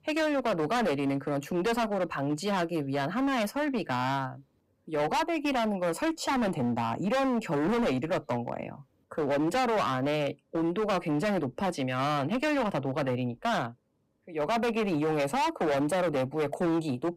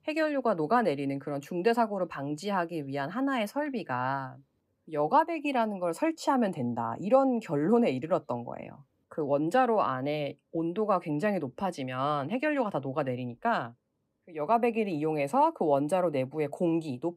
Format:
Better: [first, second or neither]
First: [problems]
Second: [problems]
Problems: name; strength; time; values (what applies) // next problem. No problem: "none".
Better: second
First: distortion; heavy; 22% of the sound clipped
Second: none